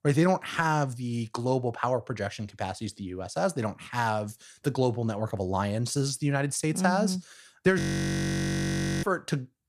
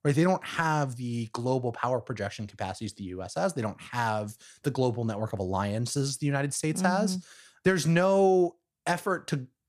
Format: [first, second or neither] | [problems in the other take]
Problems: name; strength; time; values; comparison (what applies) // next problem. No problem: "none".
second | audio freezing; at 8 s for 1 s